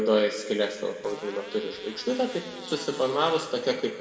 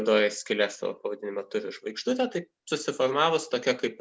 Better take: second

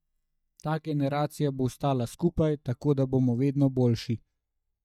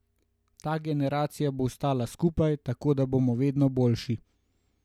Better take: second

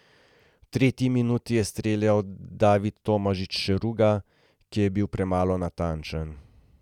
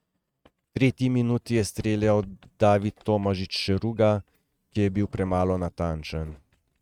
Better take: first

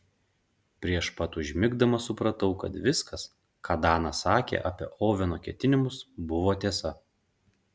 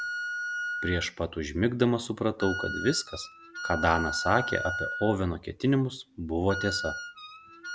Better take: first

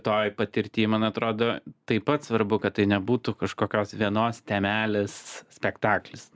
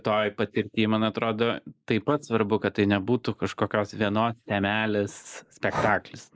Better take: first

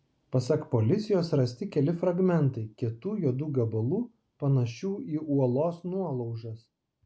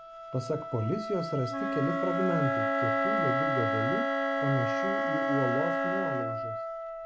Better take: first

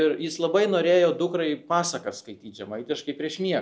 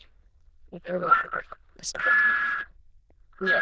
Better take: first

